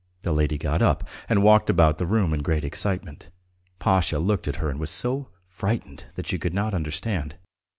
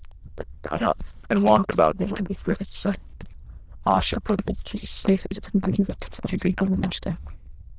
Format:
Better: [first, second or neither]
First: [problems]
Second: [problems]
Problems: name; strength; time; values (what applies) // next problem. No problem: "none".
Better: first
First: none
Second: noise reduction (neural diffusion model UNIVERSE++)